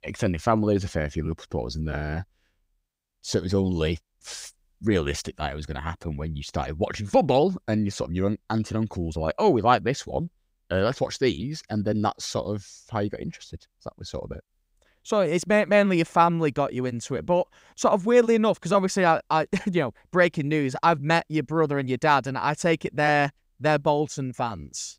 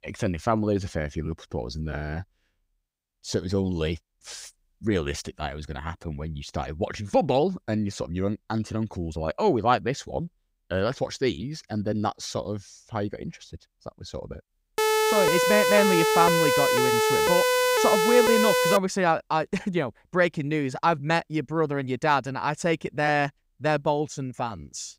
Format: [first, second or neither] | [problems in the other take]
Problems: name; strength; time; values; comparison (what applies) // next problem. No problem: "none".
first | siren; loud; from 15 to 19 s; peak 5 dB above the speech